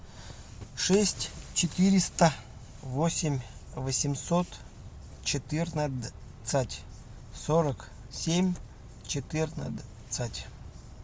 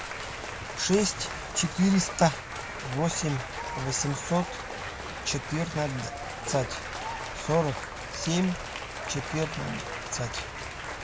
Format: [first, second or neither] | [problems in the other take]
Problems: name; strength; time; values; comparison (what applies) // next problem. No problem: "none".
first | background sound (Applause / Cheering); 7 dB below the speech